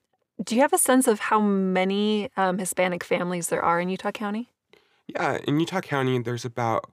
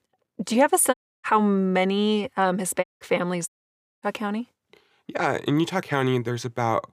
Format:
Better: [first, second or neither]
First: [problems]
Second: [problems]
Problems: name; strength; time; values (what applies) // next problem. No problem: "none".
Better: first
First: none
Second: audio cutting out; at 1 s, at 3 s and at 3.5 s for 0.5 s